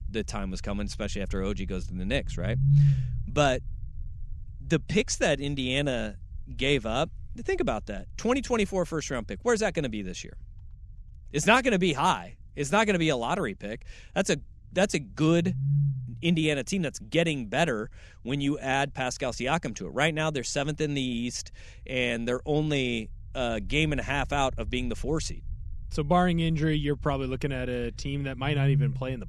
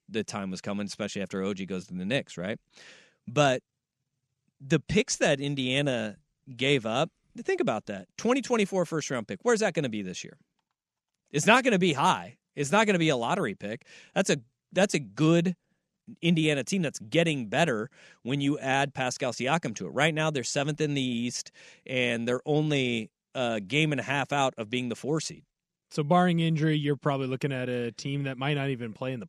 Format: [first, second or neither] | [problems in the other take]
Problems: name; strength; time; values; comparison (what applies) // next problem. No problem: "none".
second | low rumble; noticeable; throughout; 10 dB below the speech